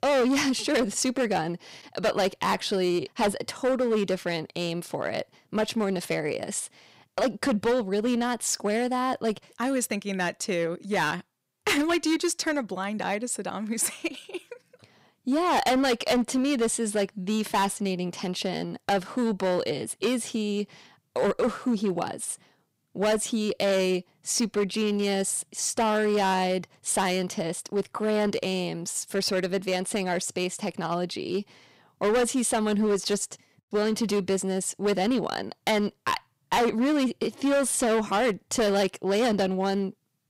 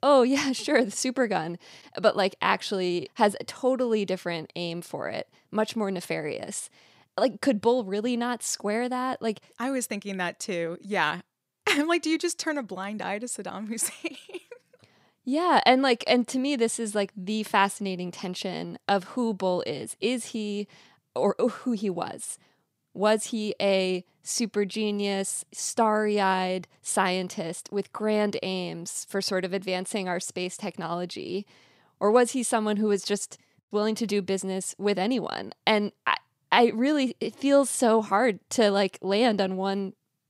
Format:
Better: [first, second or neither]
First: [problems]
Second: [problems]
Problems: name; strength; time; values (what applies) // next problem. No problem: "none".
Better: second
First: distortion; heavy; 9% of the sound clipped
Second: none